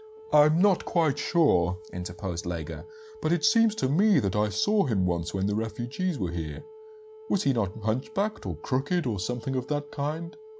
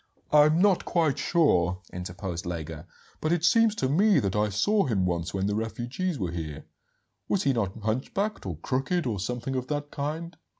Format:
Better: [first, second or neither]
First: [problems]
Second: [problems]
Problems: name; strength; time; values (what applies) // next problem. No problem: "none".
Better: second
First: background sound (Wind instrument, woodwind instrument); 19 dB below the speech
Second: none